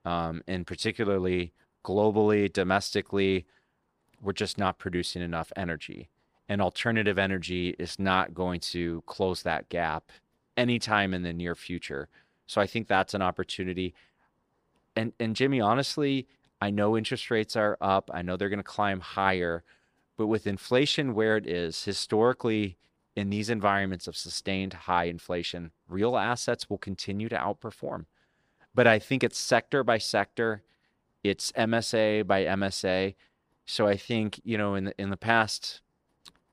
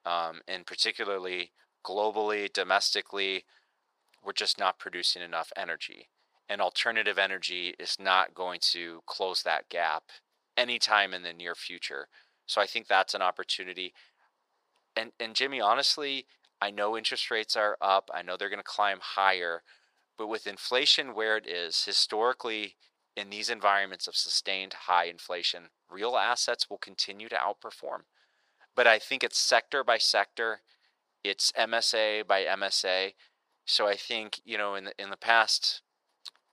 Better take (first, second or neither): first